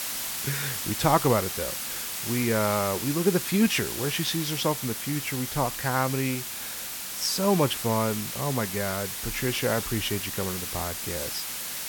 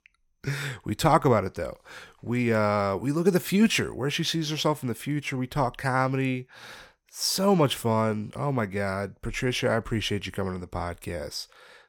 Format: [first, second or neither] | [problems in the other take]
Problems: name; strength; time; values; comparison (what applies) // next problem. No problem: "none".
second | hiss; loud; throughout; 3 dB below the speech